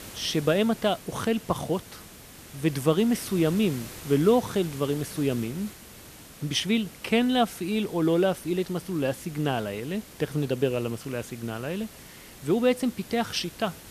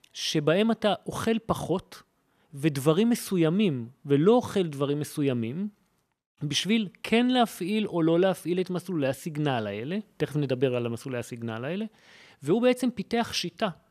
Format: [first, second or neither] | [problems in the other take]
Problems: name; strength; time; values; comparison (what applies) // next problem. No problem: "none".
second | hiss; noticeable; throughout; 15 dB below the speech